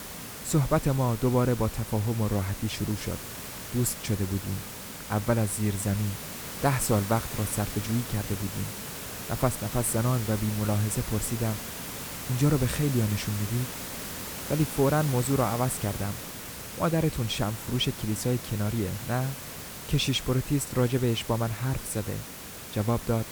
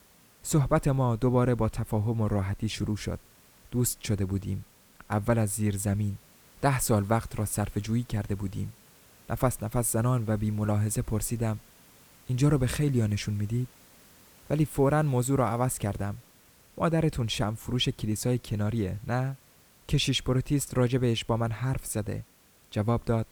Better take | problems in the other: second | hiss; loud; throughout; 8 dB below the speech; faint in the second

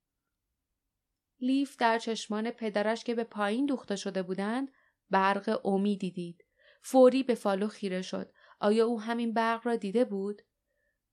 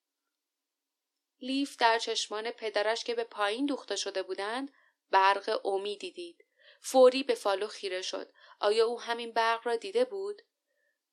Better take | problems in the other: first | thin; somewhat; fading below 300 Hz

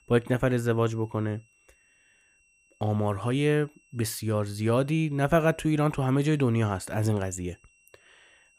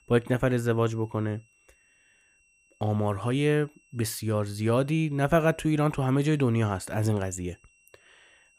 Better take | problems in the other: neither | high-pitched whine; faint; throughout; 2.5 kHz, 35 dB below the speech; the same in both

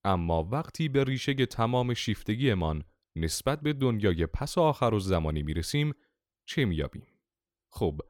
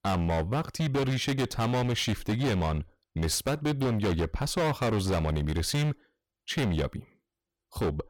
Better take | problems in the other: first | distortion; heavy; 21% of the sound clipped

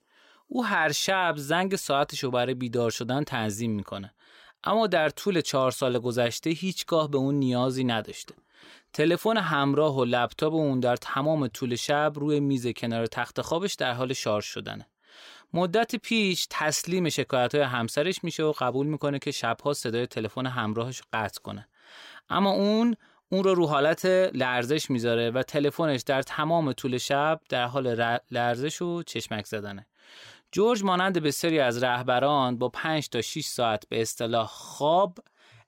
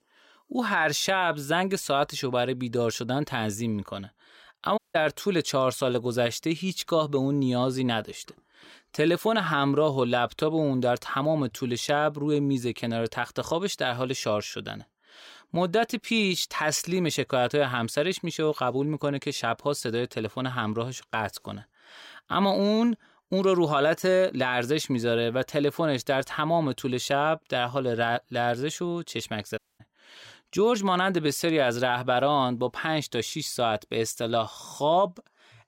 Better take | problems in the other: first | audio cutting out; at 5 s and at 30 s

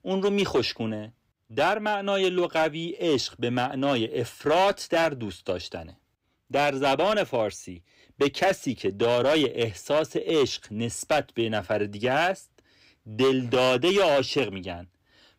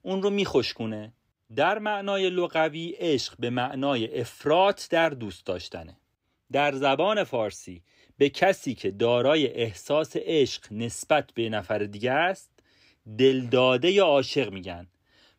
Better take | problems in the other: second | distortion; slight; 6% of the sound clipped

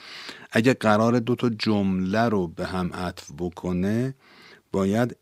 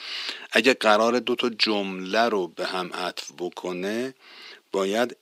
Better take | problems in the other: first | thin; somewhat; fading below 300 Hz

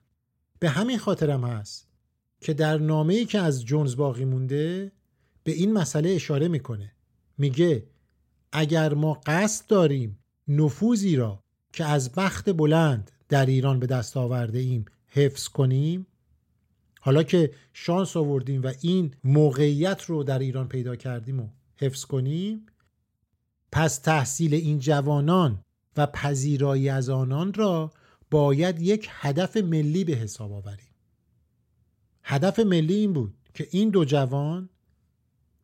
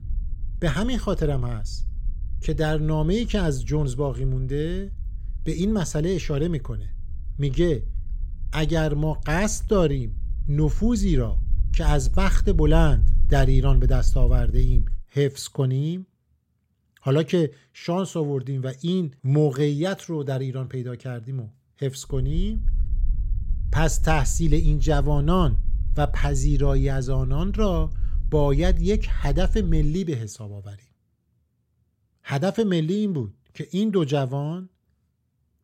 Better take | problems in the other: first | low rumble; faint; until 15 s and from 22 to 30 s; 20 dB below the speech

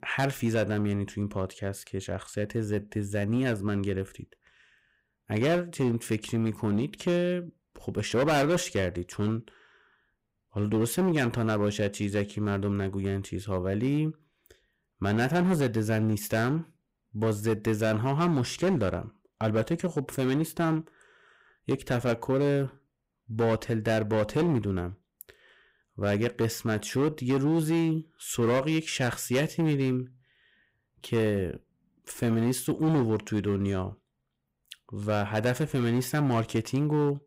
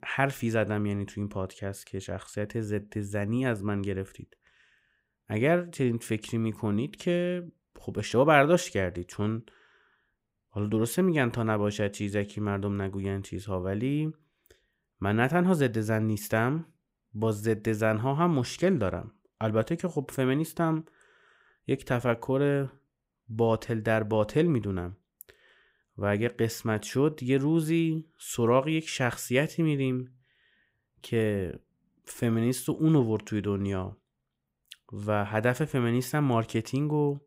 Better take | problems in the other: second | distortion; slight; 7% of the sound clipped

